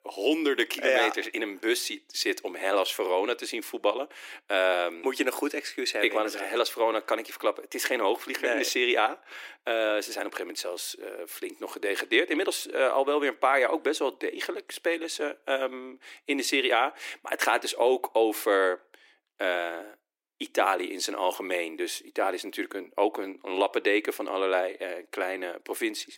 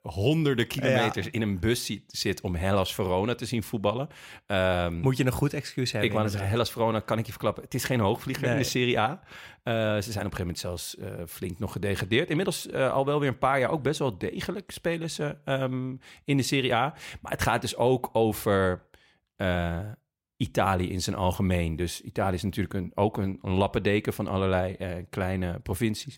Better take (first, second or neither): second